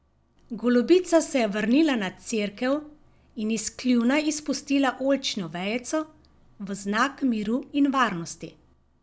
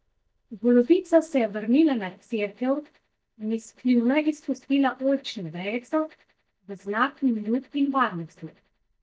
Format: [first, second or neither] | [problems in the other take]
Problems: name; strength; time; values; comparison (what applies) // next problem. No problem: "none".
first | noise reduction (neural mask model DeepFilterNet 3)